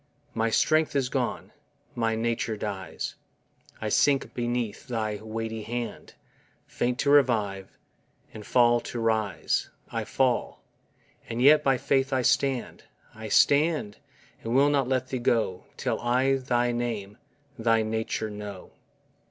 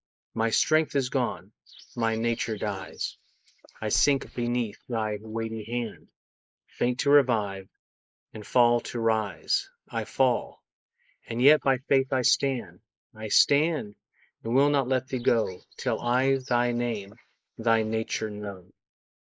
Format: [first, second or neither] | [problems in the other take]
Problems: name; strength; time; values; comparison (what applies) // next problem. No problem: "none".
first | noise reduction (neural mask model Resemble Enhance denoiser)